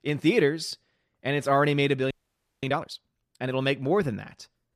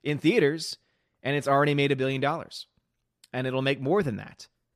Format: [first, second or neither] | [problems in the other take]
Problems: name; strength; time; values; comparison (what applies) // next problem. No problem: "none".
second | audio freezing; at 2 s for 0.5 s